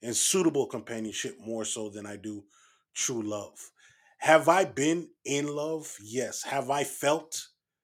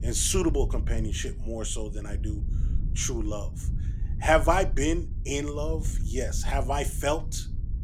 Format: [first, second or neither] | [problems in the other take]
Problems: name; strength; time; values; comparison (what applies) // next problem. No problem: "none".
first | wind noise on the microphone; occasional gusts; 20 dB below the speech